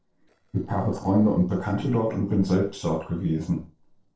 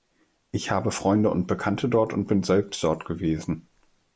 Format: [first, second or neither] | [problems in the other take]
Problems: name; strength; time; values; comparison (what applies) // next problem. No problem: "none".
second | noise reduction (neural separator model SepFormer DNS4)